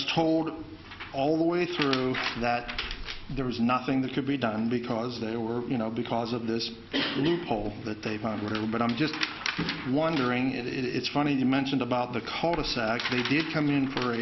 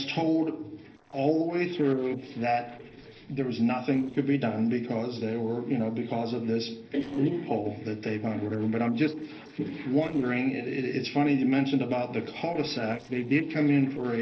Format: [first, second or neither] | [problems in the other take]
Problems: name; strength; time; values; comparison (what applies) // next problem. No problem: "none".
first | noise reduction (neural separator model SepFormer DNS4)